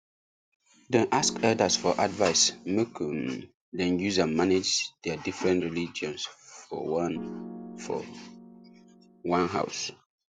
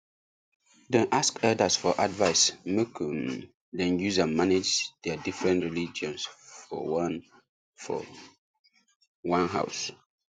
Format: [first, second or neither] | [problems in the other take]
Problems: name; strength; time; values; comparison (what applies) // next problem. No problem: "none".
second | background sound (Piano); 13 dB below the speech